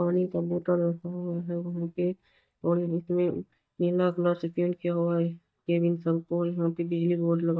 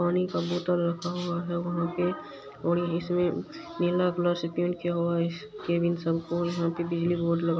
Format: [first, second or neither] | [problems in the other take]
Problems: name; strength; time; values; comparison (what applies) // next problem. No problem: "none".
second | noise reduction (neural mask model DeepFilterNet 3)